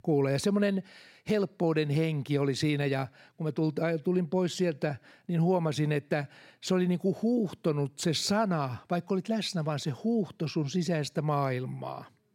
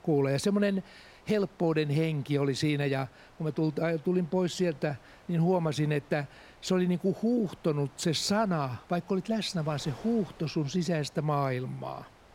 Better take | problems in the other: first | wind noise on the microphone; occasional gusts; 25 dB below the speech

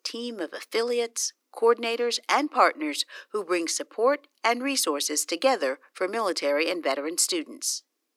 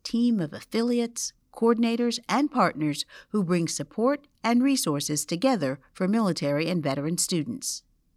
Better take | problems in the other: second | thin; somewhat; fading below 350 Hz

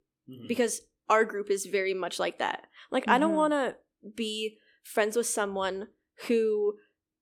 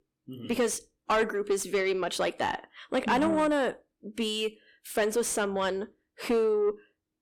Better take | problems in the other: first | distortion; slight; 10 dB below the speech

